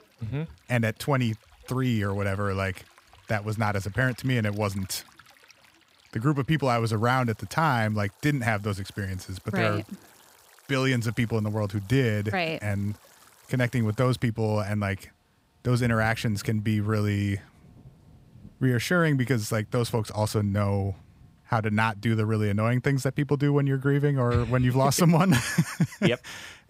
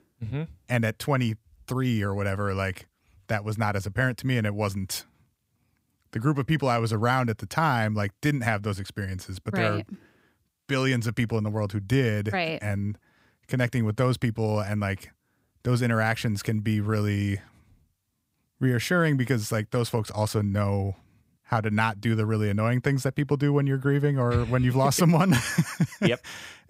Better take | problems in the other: second | rain or running water; faint; throughout; 25 dB below the speech

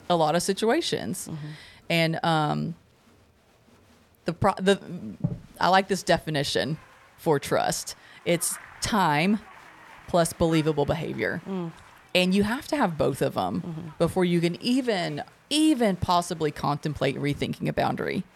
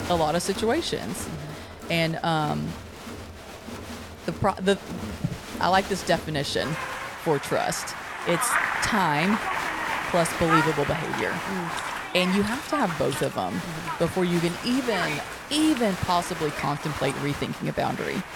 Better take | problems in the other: first | crowd noise; loud; throughout; 5 dB below the speech; faint in the first

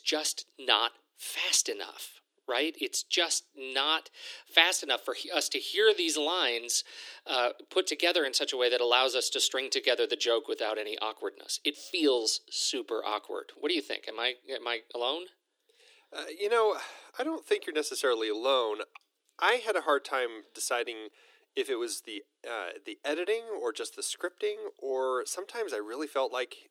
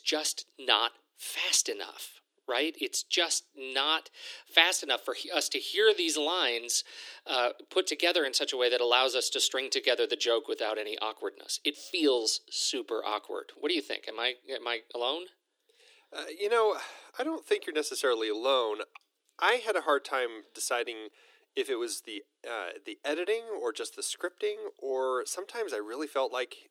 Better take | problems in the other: neither | thin; very; fading below 300 Hz; the same in both

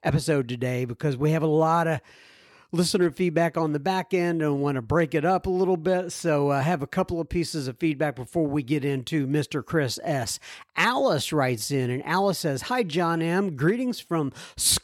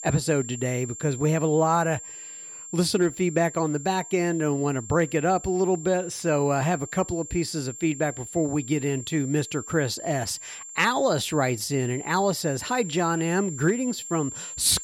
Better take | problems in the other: first | high-pitched whine; noticeable; throughout; 7.5 kHz, 10 dB below the speech

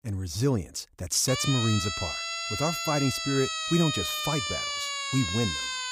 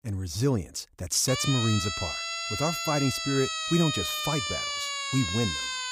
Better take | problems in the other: neither | siren; loud; from 1.5 s on; peak level with the speech; the same in both

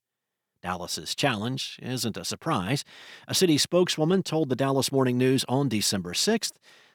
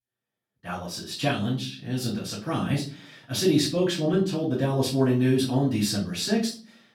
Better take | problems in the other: first | off-mic speech; far // room echo; slight; dies away in 0.4 s

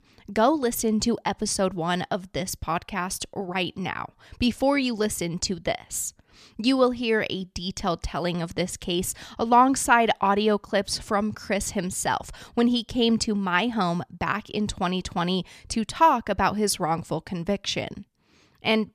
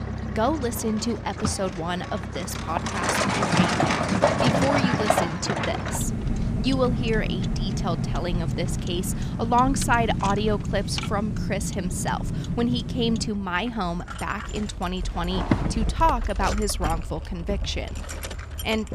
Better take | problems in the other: first | traffic noise; very loud; throughout; as loud as the speech

